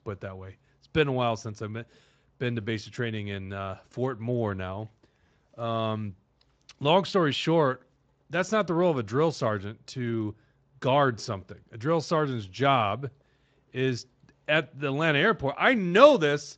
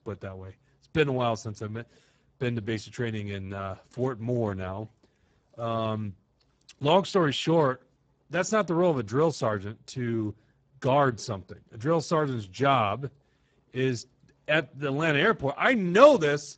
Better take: first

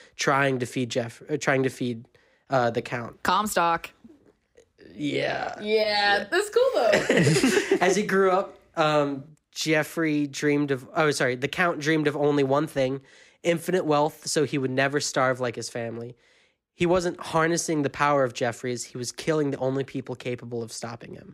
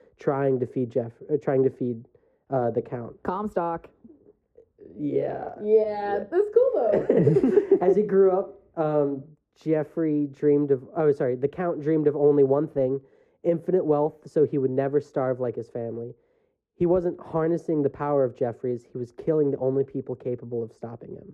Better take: first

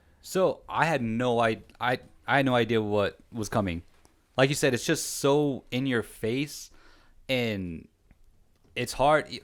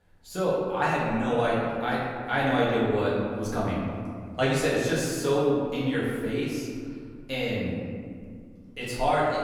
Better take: first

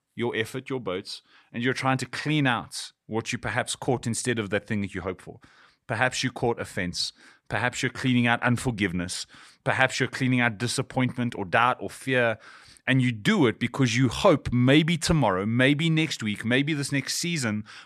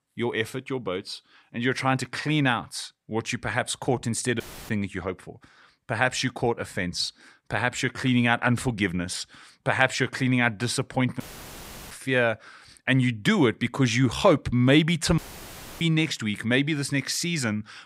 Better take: first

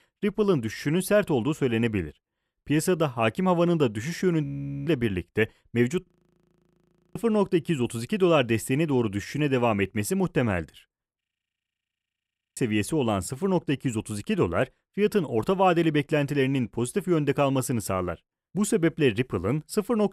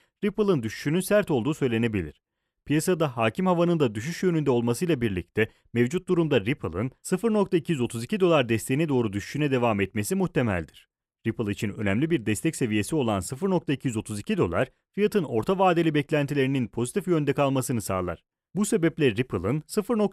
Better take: second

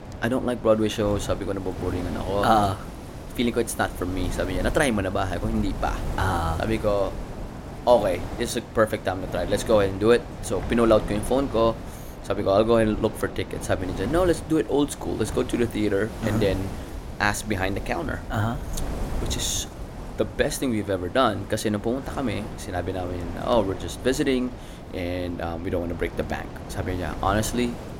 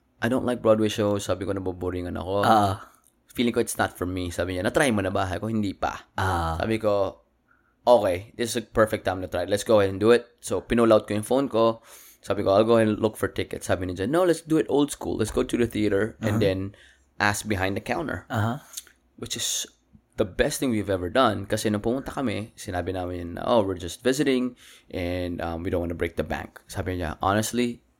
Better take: second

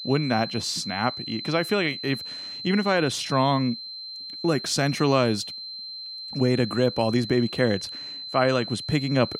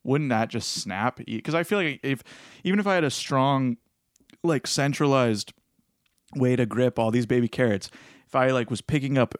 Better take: second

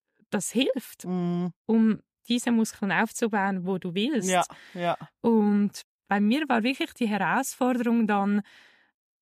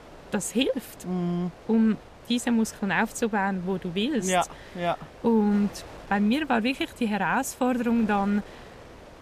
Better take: first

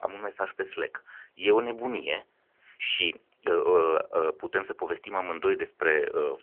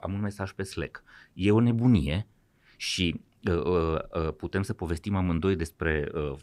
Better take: second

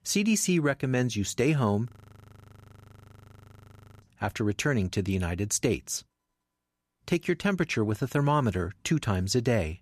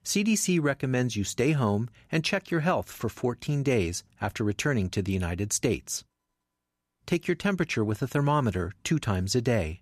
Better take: second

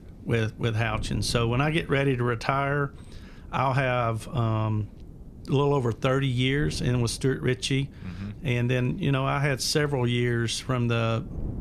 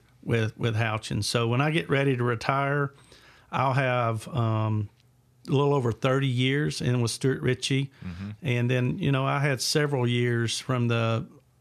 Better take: second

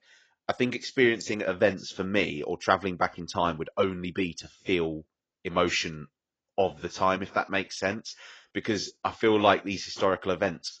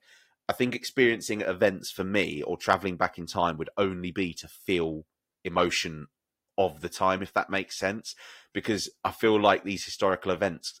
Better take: second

